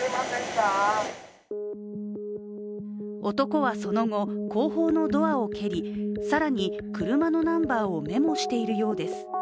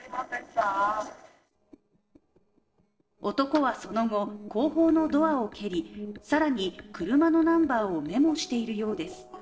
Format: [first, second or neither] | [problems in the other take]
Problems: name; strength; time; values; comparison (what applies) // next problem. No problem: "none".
first | noise reduction (neural separator model SepFormer DNS4)